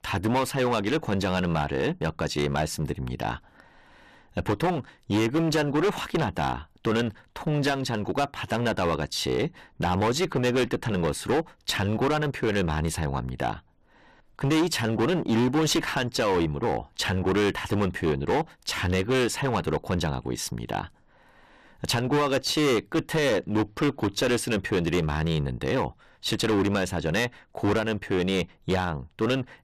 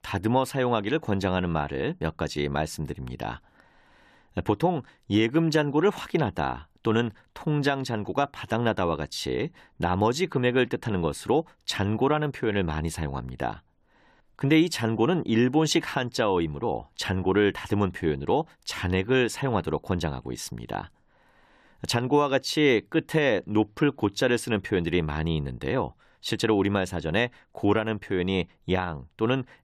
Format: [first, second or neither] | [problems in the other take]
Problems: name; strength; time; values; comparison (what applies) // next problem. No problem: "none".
second | distortion; heavy; 15% of the sound clipped